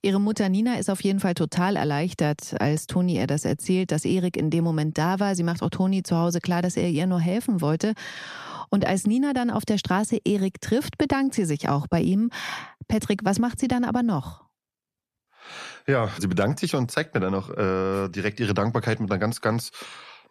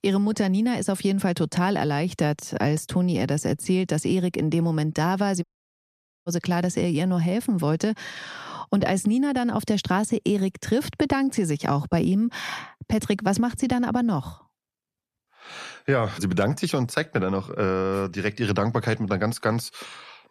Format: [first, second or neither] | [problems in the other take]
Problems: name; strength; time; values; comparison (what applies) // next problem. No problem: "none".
first | audio cutting out; at 5.5 s for 1 s